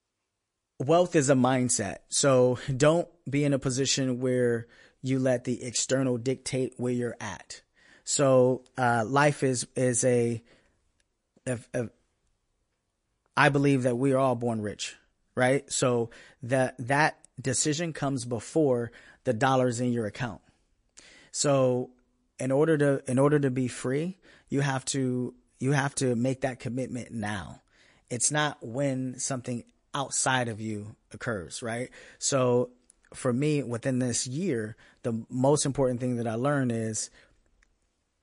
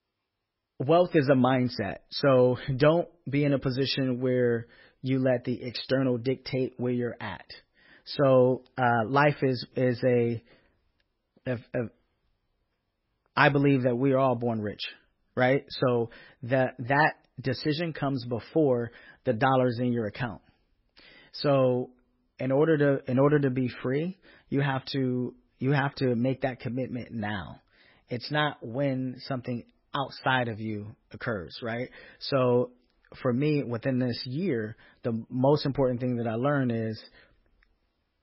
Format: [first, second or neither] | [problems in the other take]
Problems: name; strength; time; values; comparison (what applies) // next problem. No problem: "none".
first | garbled, watery; badly; nothing above 5.5 kHz; slightly in the first